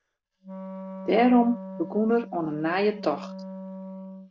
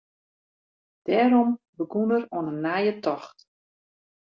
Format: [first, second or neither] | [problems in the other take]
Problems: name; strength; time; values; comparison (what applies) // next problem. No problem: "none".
second | background sound (Wind instrument, woodwind instrument); 13 dB below the speech